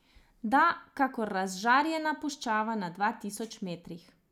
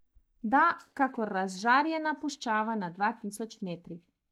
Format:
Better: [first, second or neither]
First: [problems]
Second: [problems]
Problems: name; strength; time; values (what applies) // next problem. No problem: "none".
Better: first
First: none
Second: noise reduction (neural mask model DeepFilterNet 3)